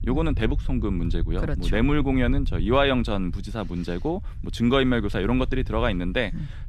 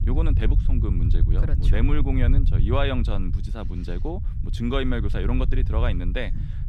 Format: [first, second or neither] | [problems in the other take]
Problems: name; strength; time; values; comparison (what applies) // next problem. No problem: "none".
first | low rumble; loud; throughout; 10 dB below the speech; faint in the first